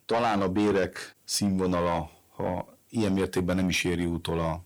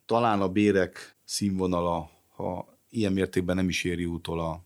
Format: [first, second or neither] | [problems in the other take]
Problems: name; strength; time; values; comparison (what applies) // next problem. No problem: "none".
second | distortion; heavy; 8 dB below the speech